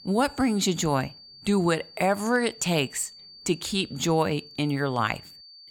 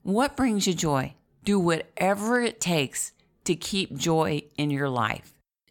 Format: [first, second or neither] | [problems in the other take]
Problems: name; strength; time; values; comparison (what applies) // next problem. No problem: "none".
second | high-pitched whine; noticeable; throughout; 4.5 kHz, 20 dB below the speech